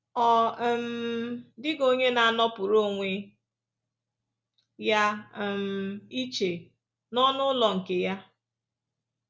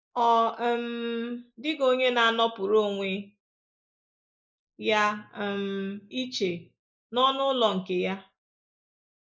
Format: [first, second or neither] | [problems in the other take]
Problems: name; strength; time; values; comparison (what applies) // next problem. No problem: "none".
first | noise reduction (neural mask model Resemble Enhance denoiser)